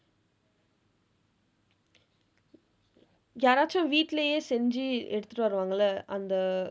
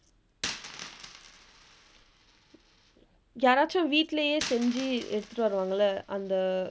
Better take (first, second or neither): first